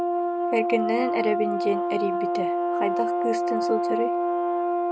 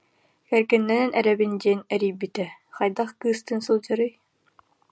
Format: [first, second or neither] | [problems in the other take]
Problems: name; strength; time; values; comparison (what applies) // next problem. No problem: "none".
second | background sound (Brass instrument); 4 dB above the speech